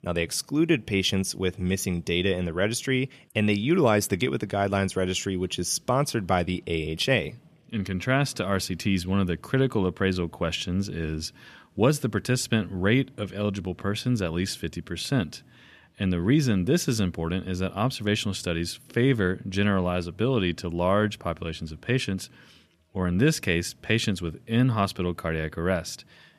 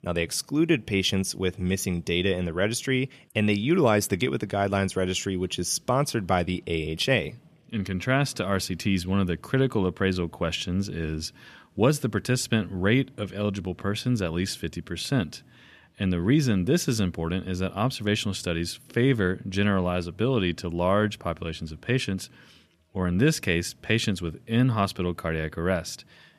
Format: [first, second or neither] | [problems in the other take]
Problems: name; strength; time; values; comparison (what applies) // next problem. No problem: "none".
neither | none